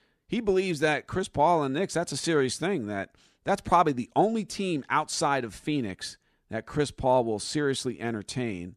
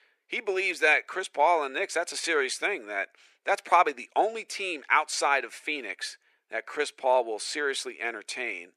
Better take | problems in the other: first | thin; very; fading below 400 Hz

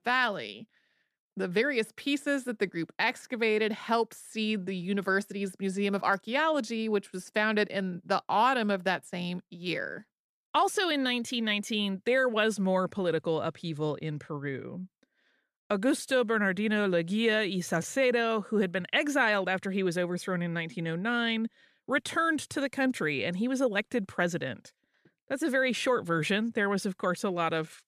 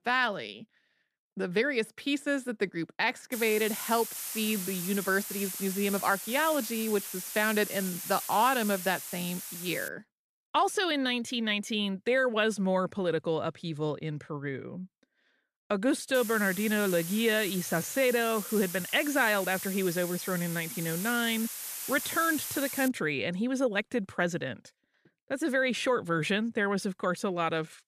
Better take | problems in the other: first | hiss; loud; from 3.5 to 10 s and from 16 to 23 s; 7 dB below the speech

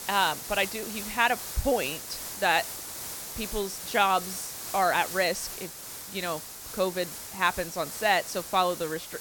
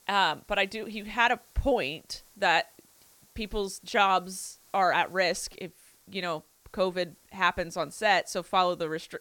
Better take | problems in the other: second | hiss; loud; throughout; 8 dB below the speech; faint in the second

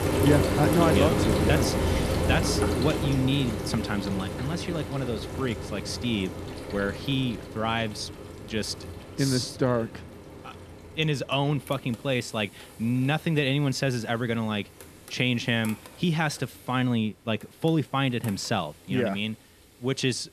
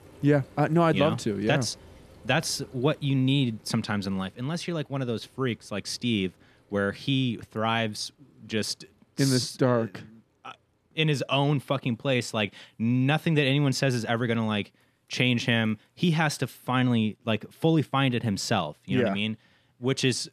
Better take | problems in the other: second | household noises; loud; throughout; 1 dB below the speech; faint in the second

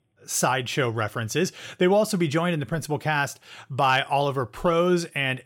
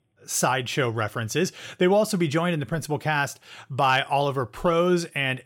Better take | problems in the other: neither | none

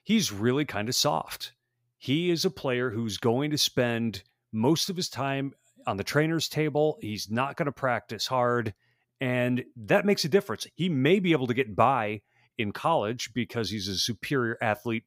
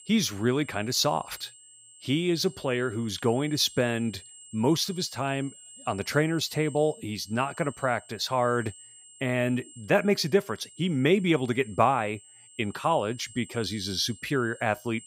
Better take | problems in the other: first | high-pitched whine; noticeable; throughout; 8 kHz, 20 dB below the speech

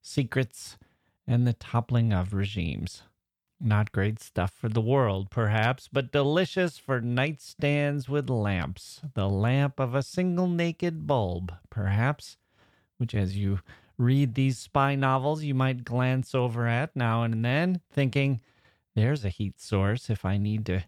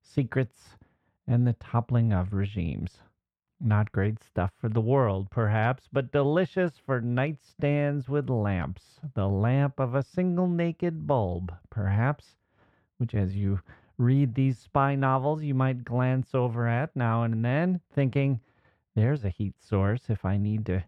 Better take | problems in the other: first | muffled; slightly; fading above 3 kHz

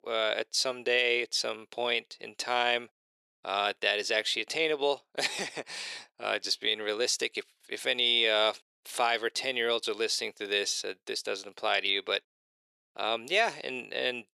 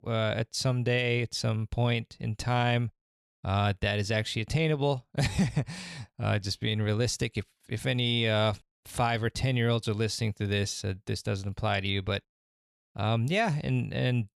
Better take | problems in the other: second | thin; very; fading below 400 Hz

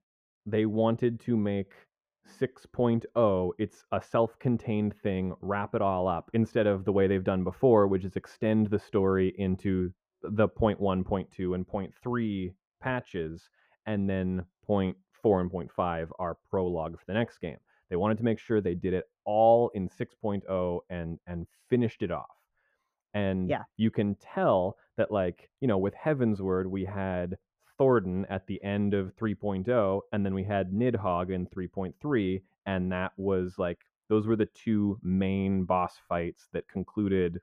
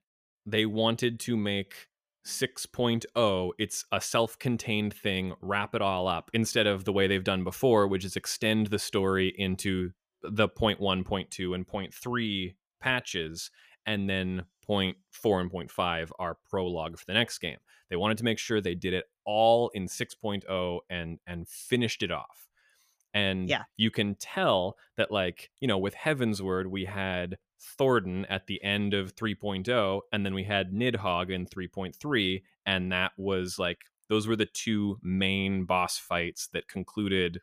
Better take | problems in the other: second | muffled; very; fading above 2.5 kHz

